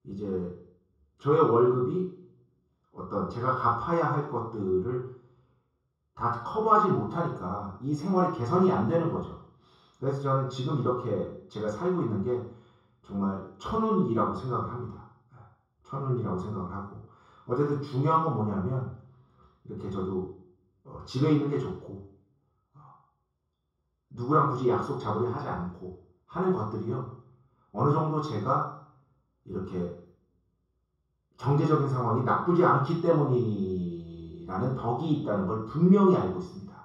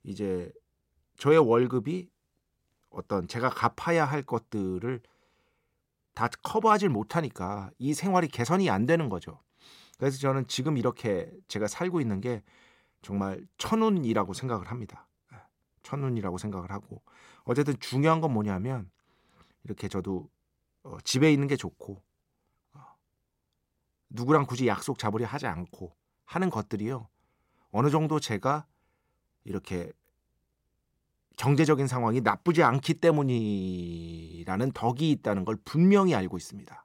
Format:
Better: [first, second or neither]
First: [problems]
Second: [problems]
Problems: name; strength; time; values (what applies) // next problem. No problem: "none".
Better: second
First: room echo; noticeable; dies away in 0.6 s // off-mic speech; far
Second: none